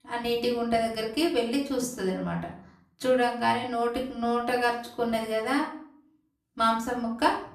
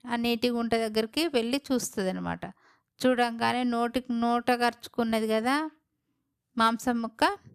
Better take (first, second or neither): second